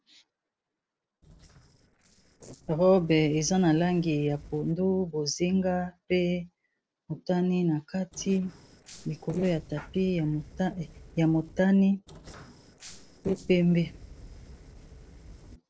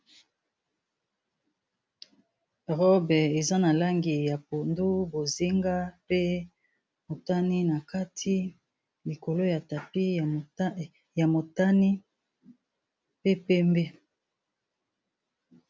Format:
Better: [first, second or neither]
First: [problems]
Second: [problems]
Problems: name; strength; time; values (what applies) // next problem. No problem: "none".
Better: second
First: noise reduction (neural separator model SepFormer DNS4)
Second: none